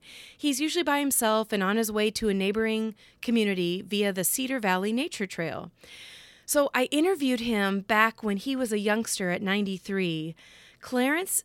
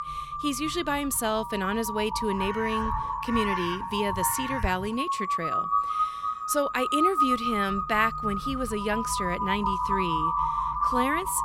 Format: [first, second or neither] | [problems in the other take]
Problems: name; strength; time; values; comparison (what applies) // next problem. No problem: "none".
first | animal sounds; very loud; throughout; as loud as the speech